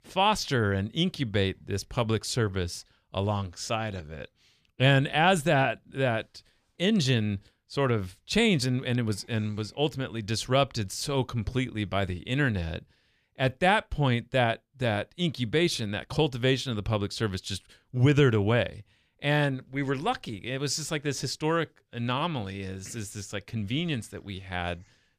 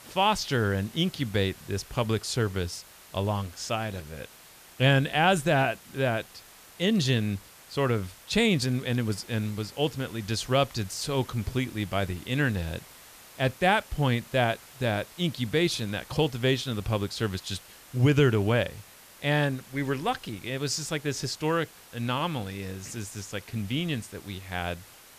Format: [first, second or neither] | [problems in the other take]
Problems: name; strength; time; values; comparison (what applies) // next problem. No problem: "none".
first | hiss; faint; throughout; 20 dB below the speech